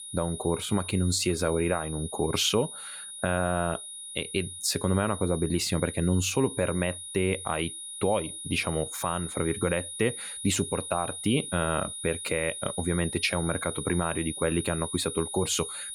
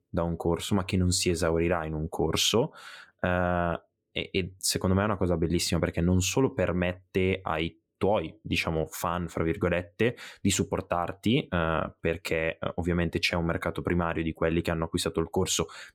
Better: second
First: high-pitched whine; loud; throughout; 9.5 kHz, 8 dB below the speech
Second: none

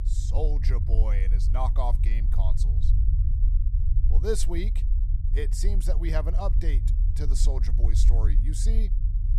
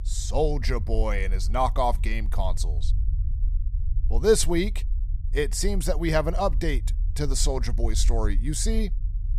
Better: second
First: low rumble; loud; throughout; 9 dB below the speech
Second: low rumble; faint; throughout; 25 dB below the speech

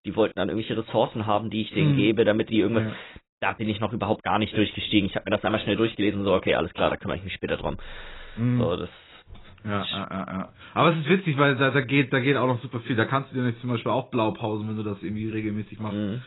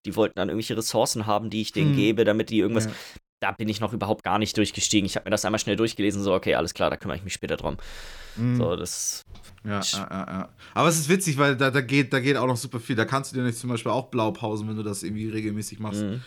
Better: second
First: garbled, watery; badly; nothing above 4 kHz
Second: none

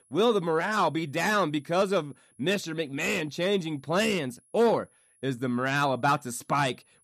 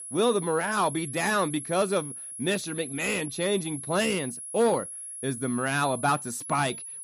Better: first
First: high-pitched whine; faint; throughout; 10.5 kHz, 35 dB below the speech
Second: high-pitched whine; loud; throughout; 10.5 kHz, 9 dB below the speech

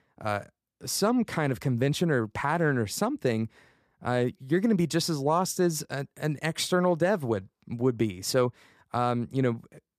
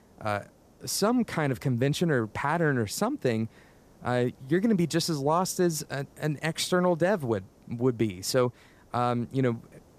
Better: first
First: none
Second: hiss; faint; throughout; 30 dB below the speech

